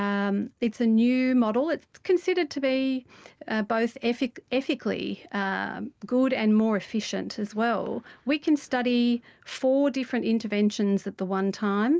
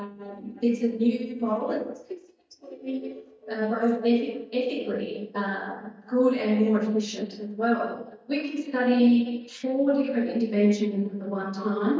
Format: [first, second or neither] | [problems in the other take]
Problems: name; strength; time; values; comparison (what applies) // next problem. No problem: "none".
first | noise reduction (neural mask model DeepFilterNet 3)